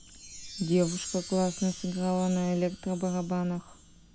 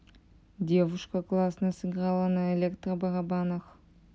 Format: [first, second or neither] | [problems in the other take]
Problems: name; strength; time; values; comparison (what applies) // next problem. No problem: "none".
second | background sound (Chime); 14 dB below the speech